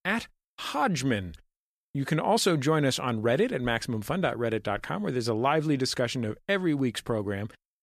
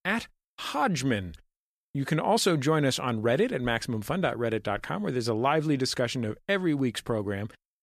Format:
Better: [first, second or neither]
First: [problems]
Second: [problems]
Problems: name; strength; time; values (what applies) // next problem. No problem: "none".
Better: neither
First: none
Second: none